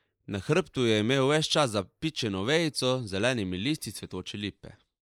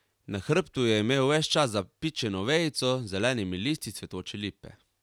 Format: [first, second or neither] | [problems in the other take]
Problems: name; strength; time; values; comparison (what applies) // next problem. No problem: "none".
second | noise reduction (neural mask model Resemble Enhance denoiser)